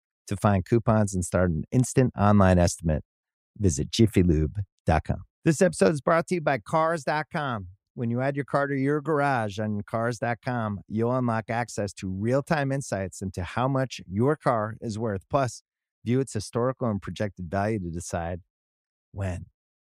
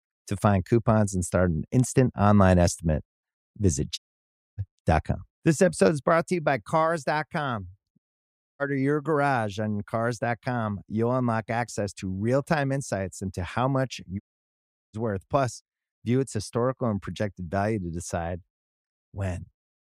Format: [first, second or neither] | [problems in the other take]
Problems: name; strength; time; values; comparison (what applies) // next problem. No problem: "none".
first | audio cutting out; at 4 s for 0.5 s, at 8 s for 0.5 s and at 14 s for 0.5 s